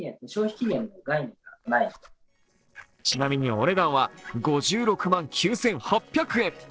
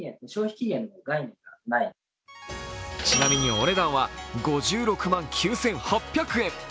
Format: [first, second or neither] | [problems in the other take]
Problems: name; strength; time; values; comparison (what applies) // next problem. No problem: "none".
second | noise reduction (neural separator model SepFormer DNS4)